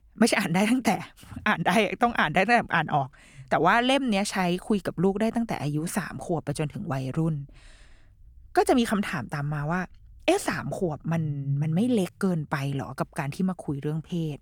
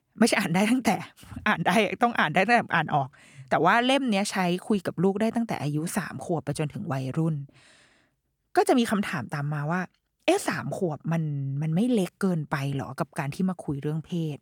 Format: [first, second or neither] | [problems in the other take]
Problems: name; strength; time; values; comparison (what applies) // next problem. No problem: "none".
second | low rumble; faint; throughout; 20 dB below the speech